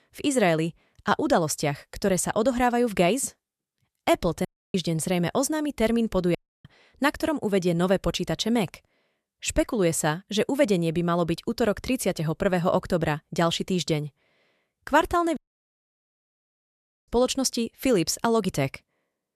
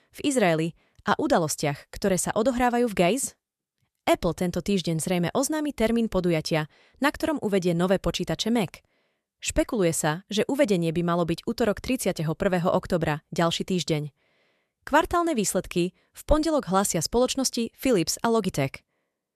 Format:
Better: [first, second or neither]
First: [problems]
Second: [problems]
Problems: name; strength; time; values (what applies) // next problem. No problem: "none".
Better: second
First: audio cutting out; at 4.5 s, at 6.5 s and at 15 s for 1.5 s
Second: none